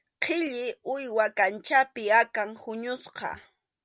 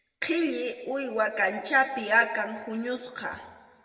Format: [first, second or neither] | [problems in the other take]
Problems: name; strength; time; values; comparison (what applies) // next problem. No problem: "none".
first | room echo; dies away in 1.5 s